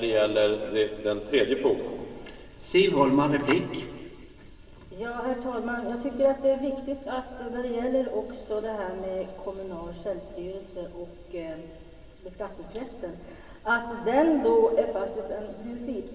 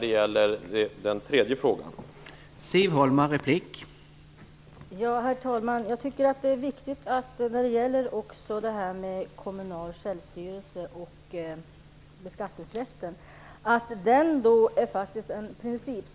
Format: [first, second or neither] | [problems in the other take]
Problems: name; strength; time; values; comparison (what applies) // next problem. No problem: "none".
second | background sound (Clapping); 15 dB below the speech // room echo; dies away in 2 s